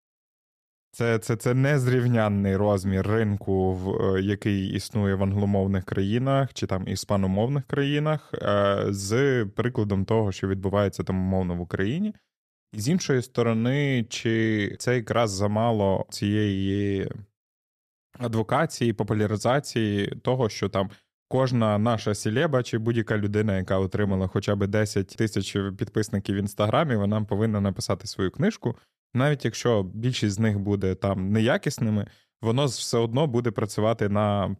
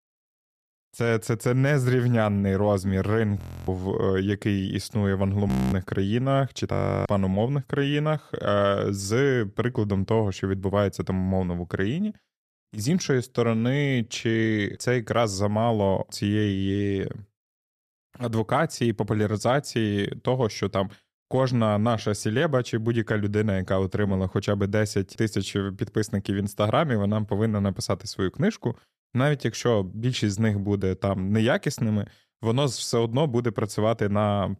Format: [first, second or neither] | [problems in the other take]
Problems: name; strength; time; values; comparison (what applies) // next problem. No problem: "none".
first | audio freezing; at 3.5 s, at 5.5 s and at 6.5 s